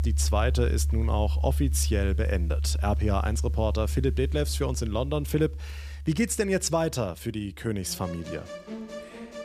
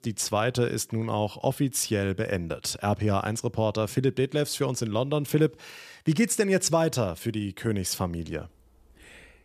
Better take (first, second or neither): second